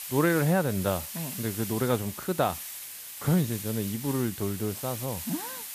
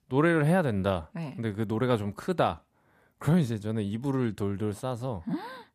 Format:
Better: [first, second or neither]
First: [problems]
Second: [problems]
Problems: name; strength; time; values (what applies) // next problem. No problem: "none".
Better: second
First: hiss; loud; throughout; 7 dB below the speech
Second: none